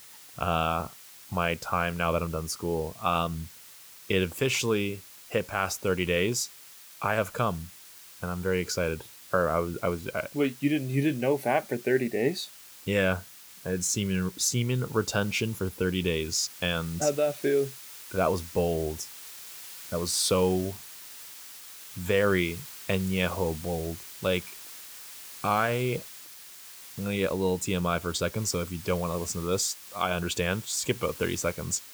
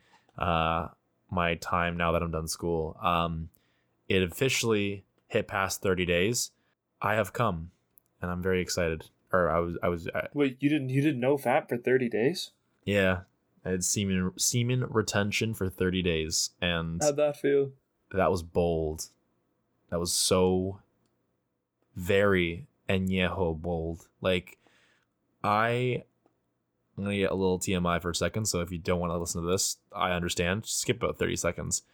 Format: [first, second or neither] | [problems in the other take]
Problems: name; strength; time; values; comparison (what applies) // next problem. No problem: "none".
second | hiss; noticeable; throughout; 15 dB below the speech